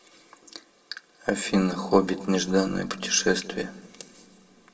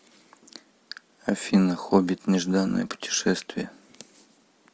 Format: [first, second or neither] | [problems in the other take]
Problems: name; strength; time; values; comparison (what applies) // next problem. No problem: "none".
second | room echo; dies away in 1 s